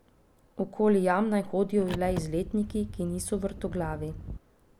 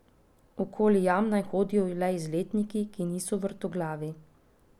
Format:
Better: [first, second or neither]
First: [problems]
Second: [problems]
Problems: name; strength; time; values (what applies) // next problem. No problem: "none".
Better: second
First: background sound (Wind + Car); 11 dB below the speech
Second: none